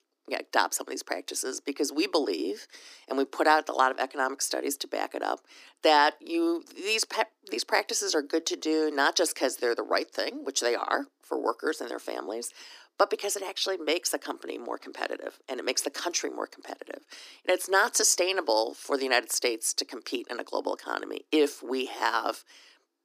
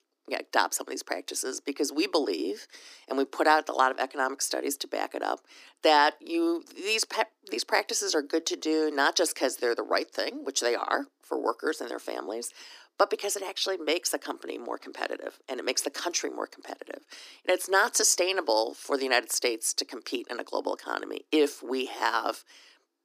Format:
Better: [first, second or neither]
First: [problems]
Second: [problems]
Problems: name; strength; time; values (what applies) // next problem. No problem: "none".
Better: neither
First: thin; somewhat; fading below 300 Hz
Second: thin; somewhat; fading below 300 Hz